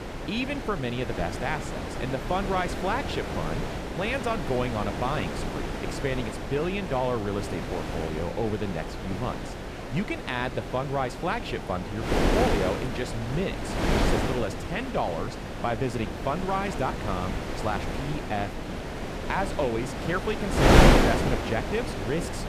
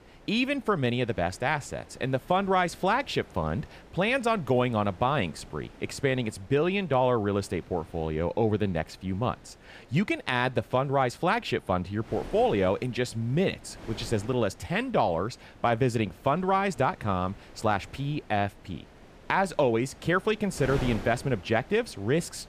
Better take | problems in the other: second | wind noise on the microphone; heavy; as loud as the speech; occasional gusts in the second

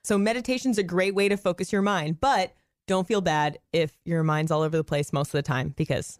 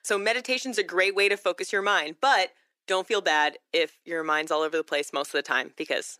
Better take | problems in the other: first | thin; very; fading below 300 Hz

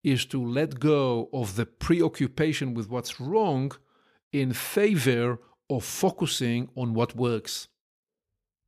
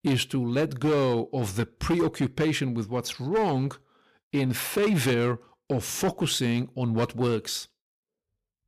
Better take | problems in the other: first | distortion; slight; 8% of the sound clipped

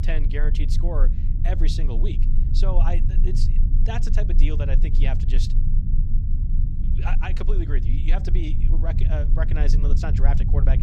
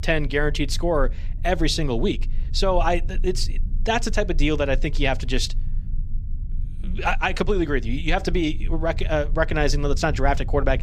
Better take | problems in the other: second | low rumble; loud; throughout; 6 dB below the speech; faint in the second

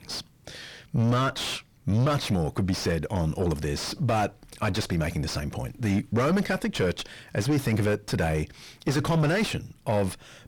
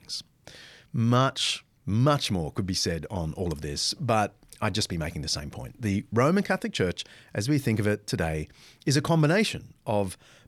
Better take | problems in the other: second | distortion; heavy; 6 dB below the speech

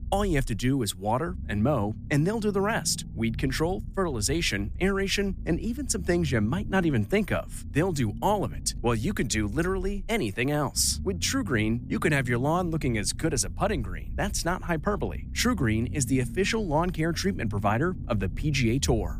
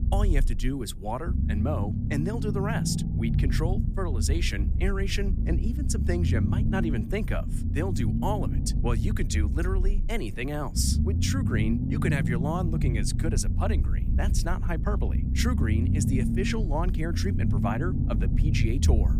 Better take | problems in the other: first | low rumble; loud; throughout; 5 dB below the speech; faint in the first

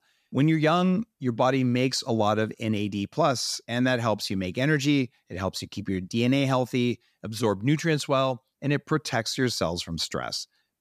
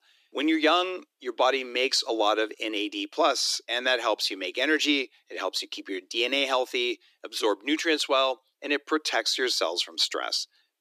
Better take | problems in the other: first | thin; somewhat; fading below 300 Hz

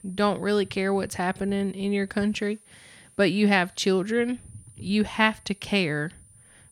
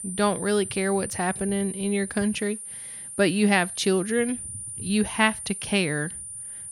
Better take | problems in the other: first | high-pitched whine; loud; throughout; 9 kHz, 9 dB below the speech; faint in the first

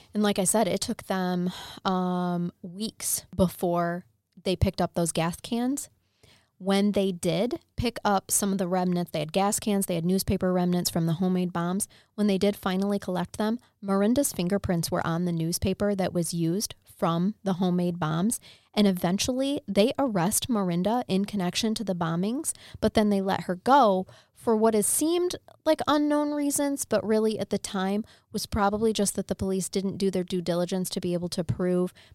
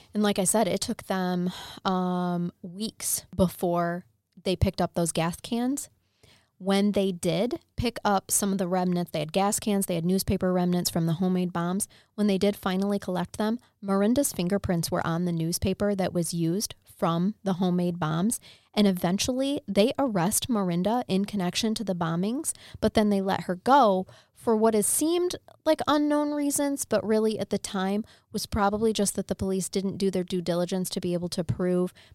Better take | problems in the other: neither | none

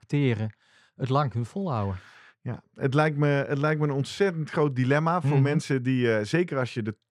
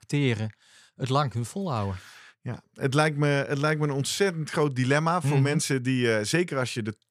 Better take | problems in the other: second | muffled; slightly; fading above 2 kHz

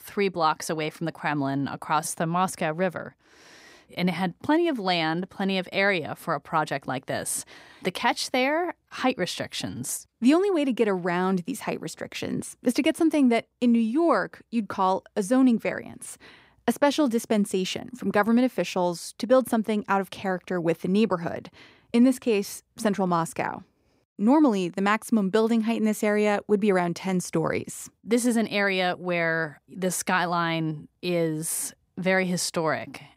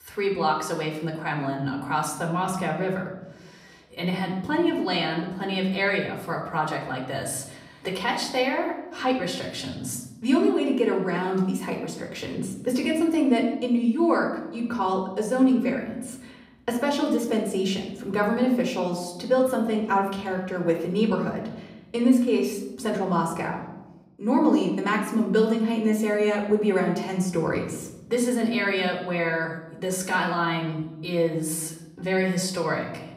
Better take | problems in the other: first | room echo; slight; dies away in 0.9 s // off-mic speech; far

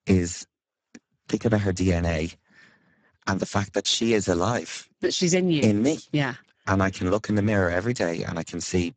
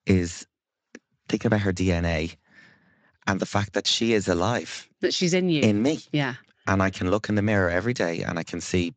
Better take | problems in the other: second | garbled, watery; badly; nothing above 7.5 kHz; slightly in the second

